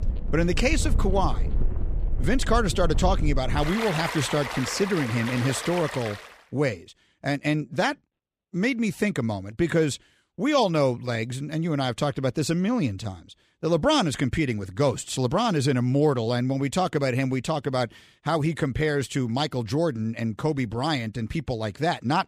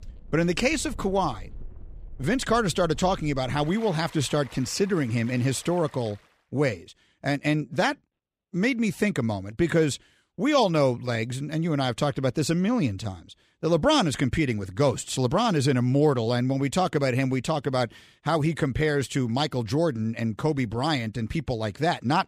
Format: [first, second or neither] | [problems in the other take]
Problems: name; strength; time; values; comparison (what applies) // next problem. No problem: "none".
second | rain or running water; loud; until 6 s; 5 dB below the speech; faint in the second